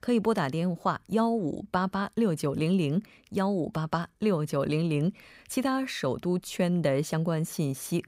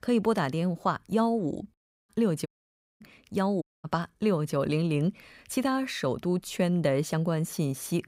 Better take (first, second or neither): first